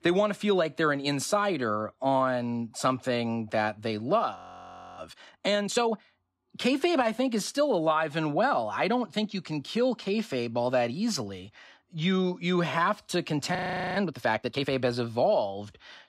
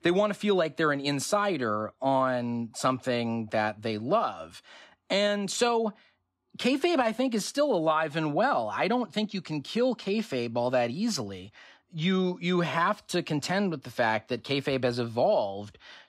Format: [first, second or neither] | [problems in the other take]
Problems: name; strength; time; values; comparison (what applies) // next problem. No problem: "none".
second | audio freezing; at 4.5 s for 0.5 s and at 14 s